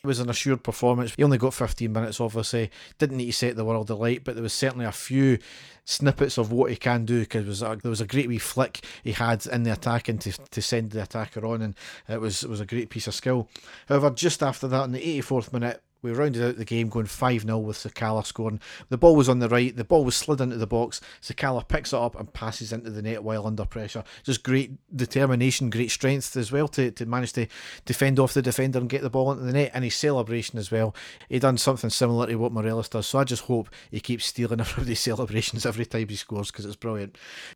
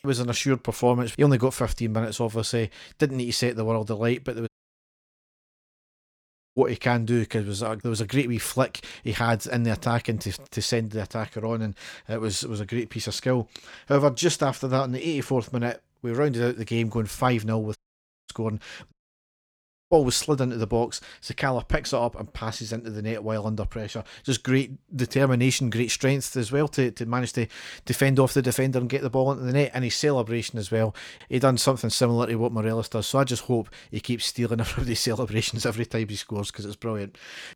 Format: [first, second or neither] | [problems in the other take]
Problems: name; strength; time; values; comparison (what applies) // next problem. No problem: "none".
first | audio cutting out; at 4.5 s for 2 s, at 18 s for 0.5 s and at 19 s for 1 s